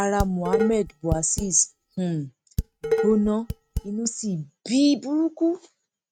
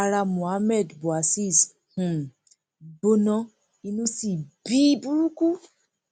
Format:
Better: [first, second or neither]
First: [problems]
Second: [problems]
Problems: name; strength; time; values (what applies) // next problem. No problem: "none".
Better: second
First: noise reduction (neural mask model RNNoise)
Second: none